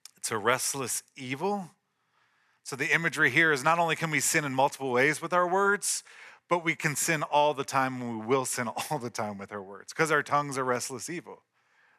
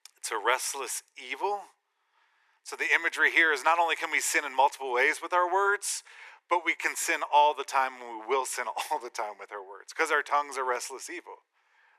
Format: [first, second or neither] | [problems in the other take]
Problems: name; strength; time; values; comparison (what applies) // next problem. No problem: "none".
first | thin; very; fading below 350 Hz